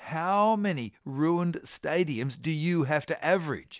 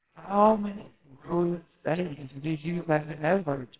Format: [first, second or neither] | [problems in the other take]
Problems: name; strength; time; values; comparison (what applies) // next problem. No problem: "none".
first | noise reduction (neural separator model SepFormer WHAMR!)